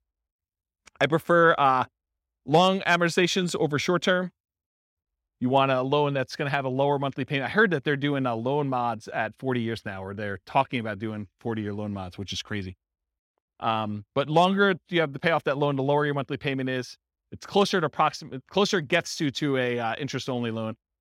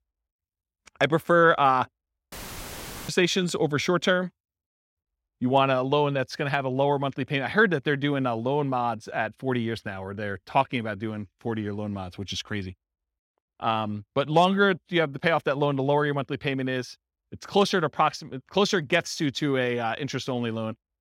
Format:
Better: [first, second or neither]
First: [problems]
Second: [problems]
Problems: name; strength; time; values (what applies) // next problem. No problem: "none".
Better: first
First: none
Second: audio cutting out; filled with static; at 2.5 s for 1 s